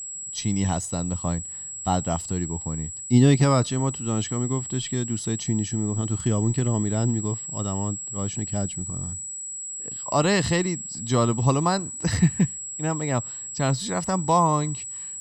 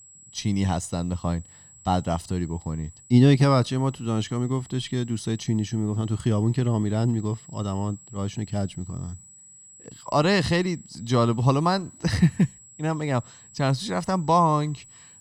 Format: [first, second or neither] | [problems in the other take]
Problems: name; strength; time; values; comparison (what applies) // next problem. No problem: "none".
second | high-pitched whine; loud; throughout; 7.5 kHz, 7 dB below the speech; faint in the second